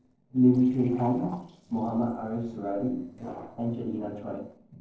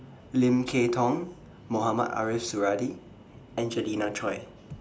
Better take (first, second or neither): second